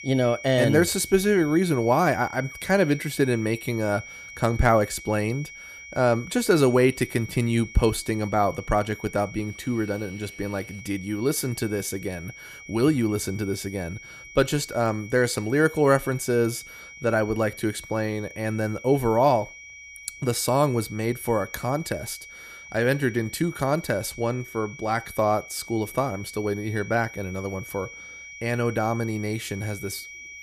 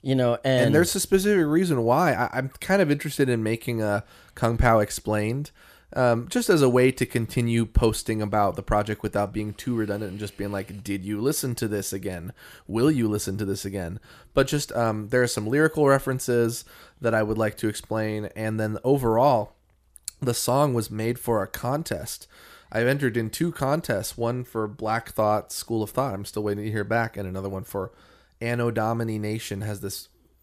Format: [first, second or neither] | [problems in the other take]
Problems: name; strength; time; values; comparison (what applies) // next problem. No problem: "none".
second | high-pitched whine; noticeable; throughout; 2 kHz, 15 dB below the speech